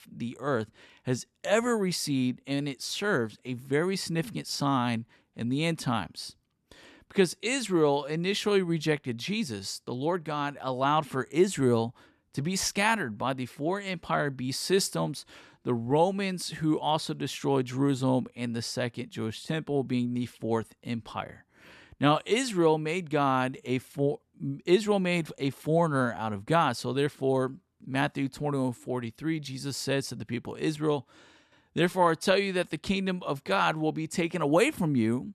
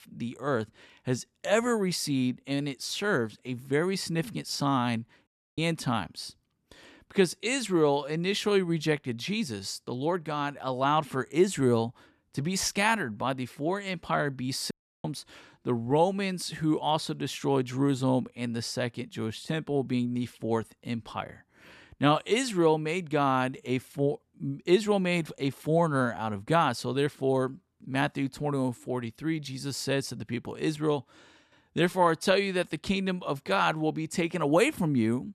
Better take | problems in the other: first | audio cutting out; at 5.5 s and at 15 s

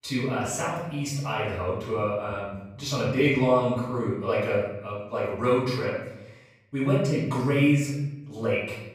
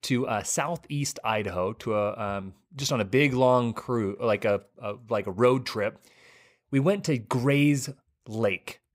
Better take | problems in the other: second | off-mic speech; far // room echo; noticeable; dies away in 0.8 s

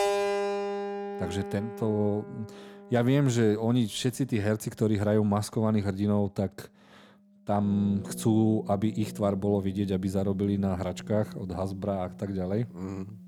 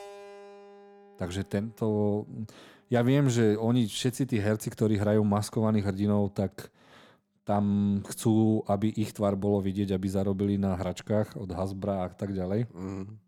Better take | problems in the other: second | background music; loud; throughout; 9 dB below the speech; faint in the second

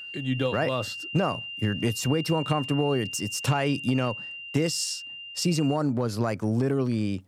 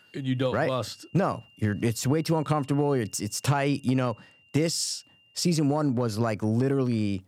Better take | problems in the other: second | high-pitched whine; loud; until 6 s; 3 kHz, 8 dB below the speech; faint in the second

